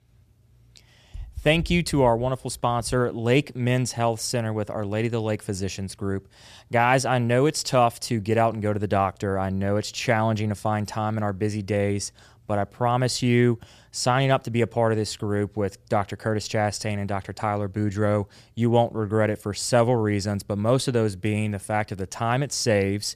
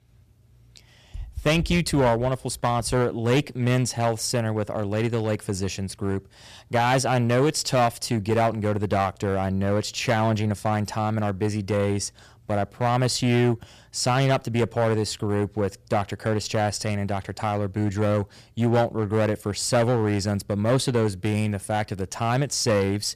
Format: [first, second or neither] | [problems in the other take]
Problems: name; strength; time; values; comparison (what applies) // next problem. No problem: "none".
first | distortion; slight; 6% of the sound clipped